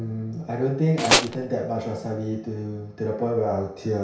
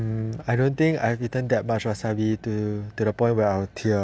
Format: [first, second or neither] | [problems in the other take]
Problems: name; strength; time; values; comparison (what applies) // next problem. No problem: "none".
second | background sound (Tools); 5 dB above the speech // room echo; dies away in 0.6 s